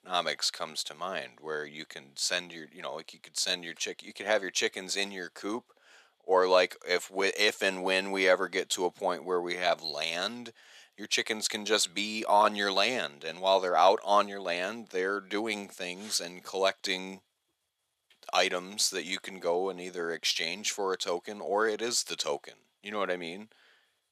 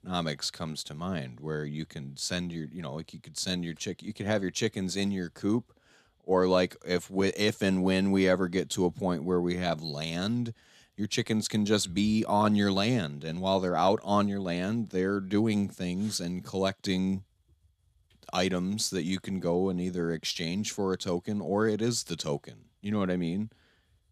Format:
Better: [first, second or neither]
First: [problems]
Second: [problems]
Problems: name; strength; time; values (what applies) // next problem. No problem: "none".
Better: second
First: thin; very; fading below 600 Hz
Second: none